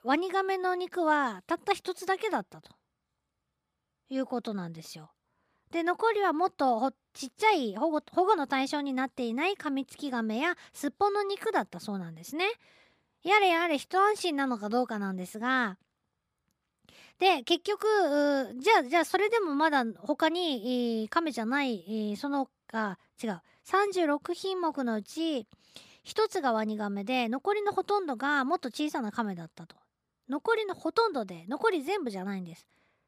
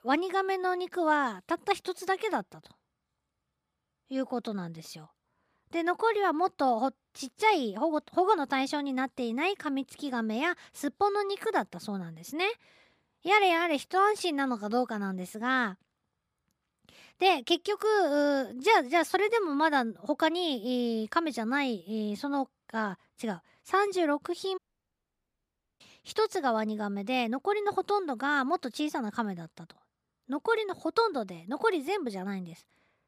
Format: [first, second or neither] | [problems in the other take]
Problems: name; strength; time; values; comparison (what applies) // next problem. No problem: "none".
first | audio cutting out; at 25 s for 1 s